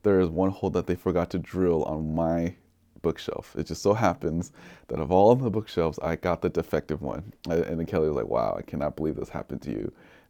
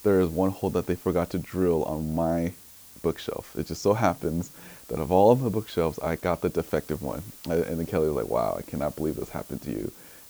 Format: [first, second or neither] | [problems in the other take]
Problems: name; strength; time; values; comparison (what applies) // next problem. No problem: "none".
first | hiss; noticeable; throughout; 20 dB below the speech